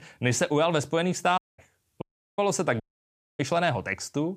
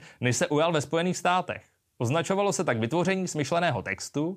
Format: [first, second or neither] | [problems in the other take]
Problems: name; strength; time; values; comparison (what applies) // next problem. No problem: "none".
second | audio cutting out; at 1.5 s, at 2 s and at 3 s for 0.5 s